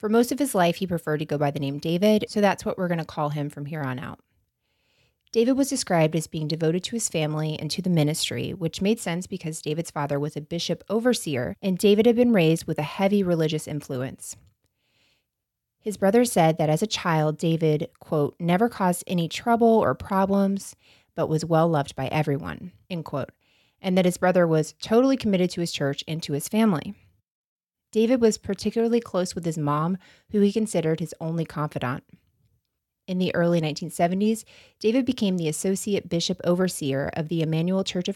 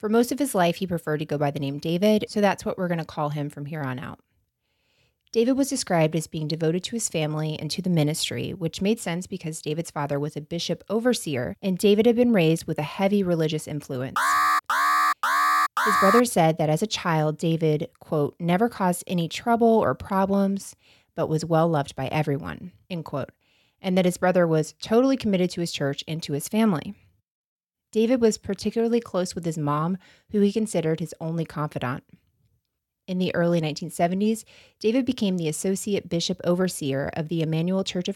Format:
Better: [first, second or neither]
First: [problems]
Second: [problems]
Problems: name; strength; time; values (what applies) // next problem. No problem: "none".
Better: first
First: none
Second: alarm; loud; from 14 to 16 s; peak 5 dB above the speech